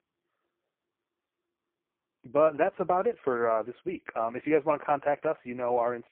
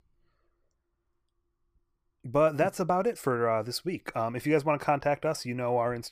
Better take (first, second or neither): second